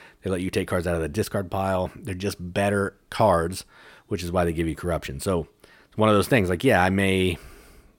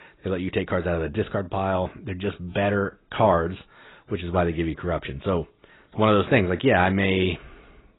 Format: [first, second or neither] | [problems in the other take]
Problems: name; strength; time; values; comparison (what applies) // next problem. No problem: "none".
first | garbled, watery; badly; nothing above 4 kHz